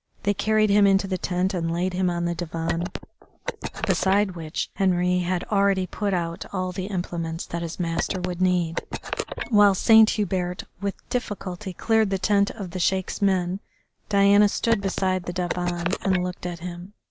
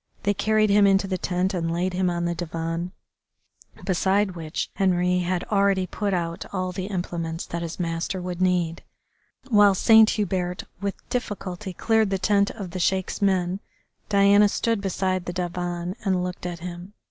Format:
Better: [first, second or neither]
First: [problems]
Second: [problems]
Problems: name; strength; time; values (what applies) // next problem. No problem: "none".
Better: second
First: background sound (Telephone); 7 dB below the speech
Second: none